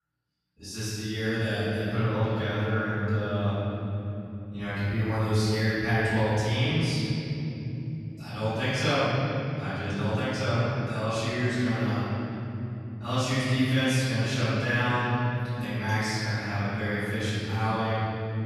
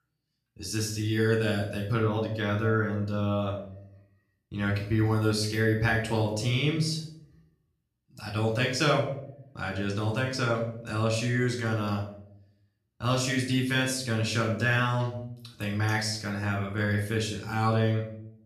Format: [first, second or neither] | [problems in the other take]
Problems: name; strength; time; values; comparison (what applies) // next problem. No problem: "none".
second | room echo; strong; dies away in 3 s; slight in the second // off-mic speech; far; far in the second